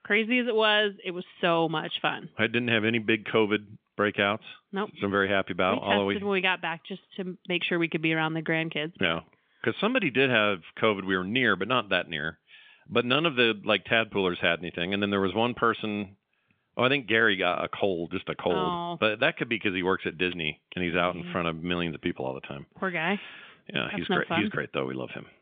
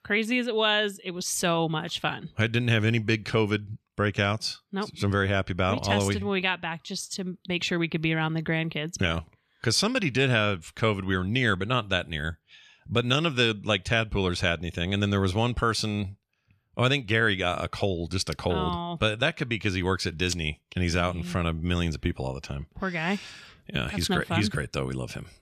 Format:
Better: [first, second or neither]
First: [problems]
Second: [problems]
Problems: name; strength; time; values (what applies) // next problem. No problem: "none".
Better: second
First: phone-call audio; nothing above 3.5 kHz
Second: none